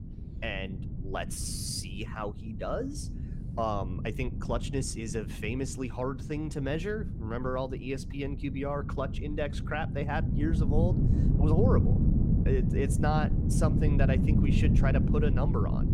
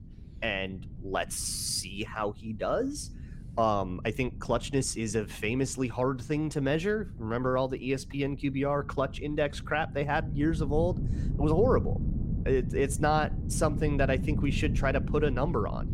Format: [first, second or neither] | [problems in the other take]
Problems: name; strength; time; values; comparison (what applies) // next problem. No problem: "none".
second | wind noise on the microphone; heavy; 5 dB below the speech; occasional gusts in the second